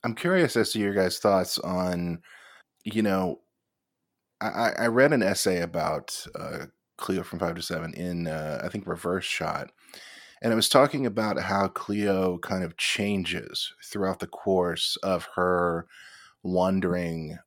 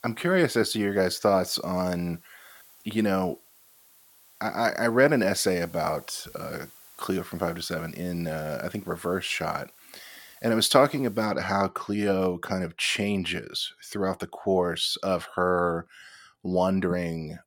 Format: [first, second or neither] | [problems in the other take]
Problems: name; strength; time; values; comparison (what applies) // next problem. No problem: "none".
first | hiss; faint; until 11 s; 25 dB below the speech